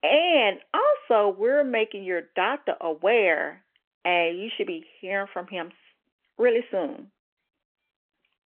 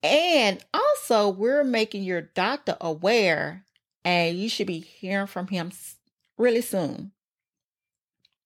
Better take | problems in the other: second | phone-call audio; nothing above 3 kHz

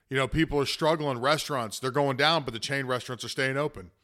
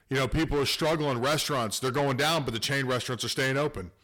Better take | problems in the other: first | distortion; heavy; 6 dB below the speech

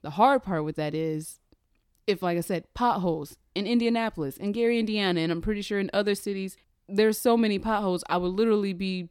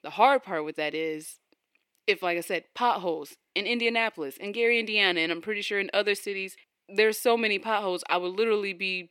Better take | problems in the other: first | thin; somewhat; fading below 400 Hz

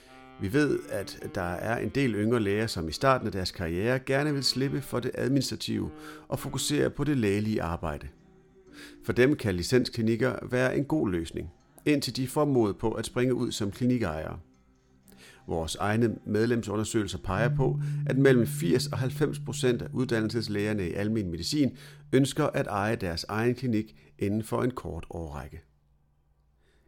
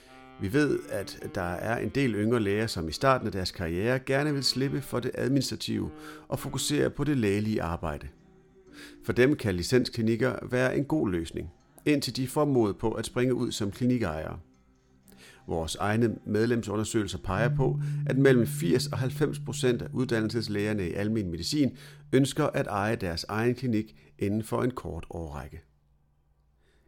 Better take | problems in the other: neither | background music; noticeable; throughout; 10 dB below the speech; the same in both

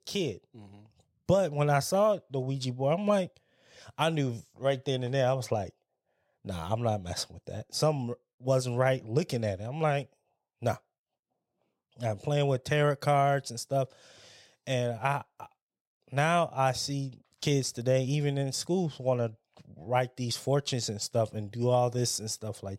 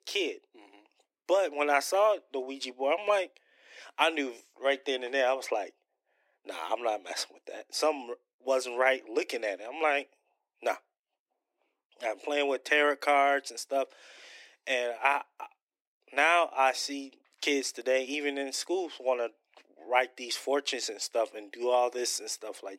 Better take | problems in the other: first | thin; somewhat; fading below 300 Hz

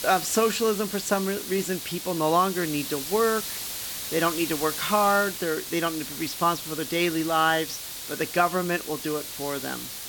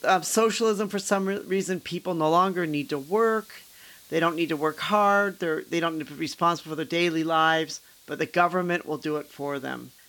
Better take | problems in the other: second | hiss; loud; throughout; 6 dB below the speech; faint in the second

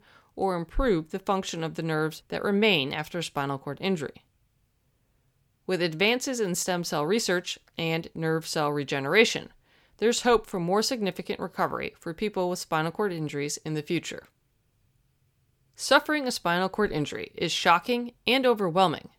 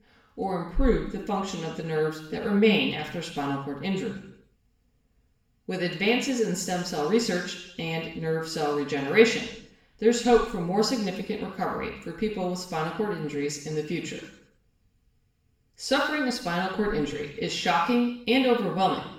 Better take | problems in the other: first | room echo; noticeable; dies away in 0.7 s // off-mic speech; far

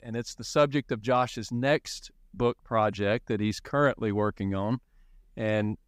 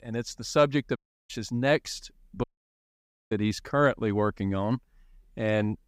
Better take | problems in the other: first | audio cutting out; at 1 s and at 2.5 s for 1 s

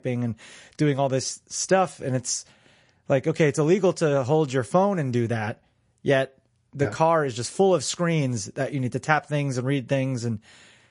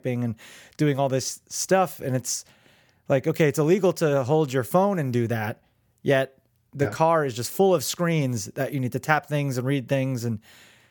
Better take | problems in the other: second | garbled, watery; slightly; nothing above 10.5 kHz

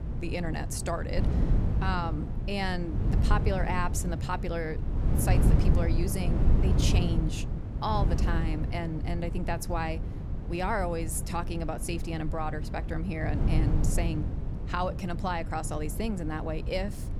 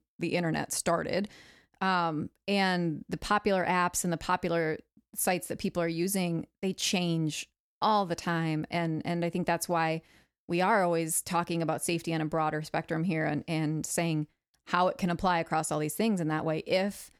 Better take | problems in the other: second | wind noise on the microphone; heavy; 7 dB below the speech

